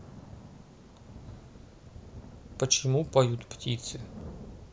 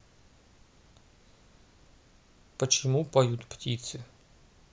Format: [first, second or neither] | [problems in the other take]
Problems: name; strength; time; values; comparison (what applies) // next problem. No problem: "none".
second | background sound (Thunder / Rain); 14 dB below the speech